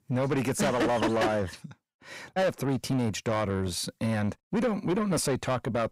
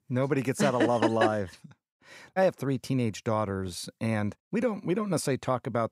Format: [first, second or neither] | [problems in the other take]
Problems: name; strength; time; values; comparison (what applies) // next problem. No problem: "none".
second | distortion; heavy; 7 dB below the speech